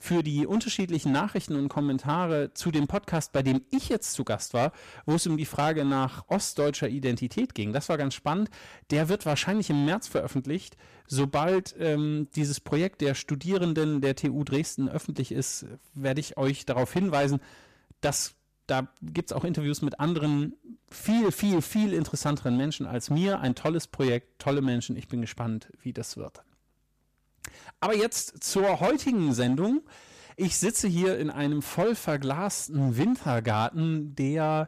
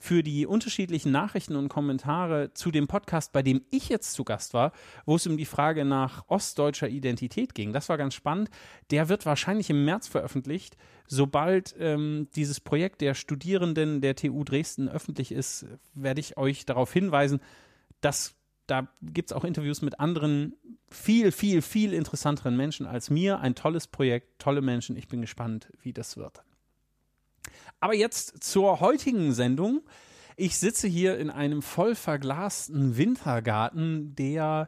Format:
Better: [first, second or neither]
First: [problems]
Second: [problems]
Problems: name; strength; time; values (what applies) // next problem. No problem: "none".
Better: second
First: distortion; slight; 7% of the sound clipped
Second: none